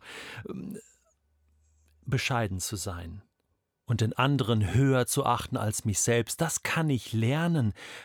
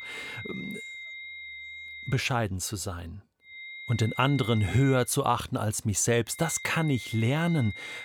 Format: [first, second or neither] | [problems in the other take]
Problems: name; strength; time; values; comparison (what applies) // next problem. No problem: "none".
first | high-pitched whine; noticeable; until 2 s, from 3.5 to 5 s and from 6.5 s on; 2 kHz, 10 dB below the speech